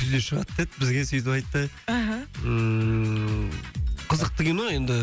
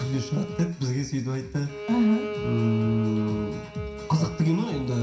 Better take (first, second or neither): first